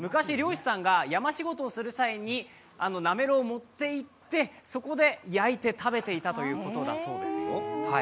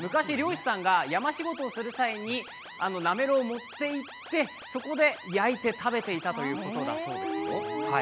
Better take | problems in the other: first | background sound (Alarm); 15 dB below the speech

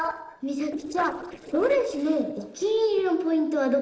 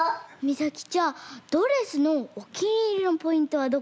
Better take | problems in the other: second | noise reduction (neural separator model SepFormer DNS4)

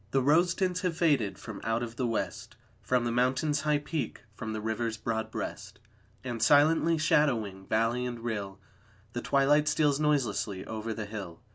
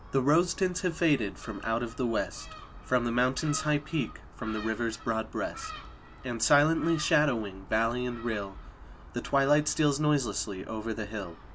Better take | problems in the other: first | background sound (Gull, seagull); 16 dB below the speech

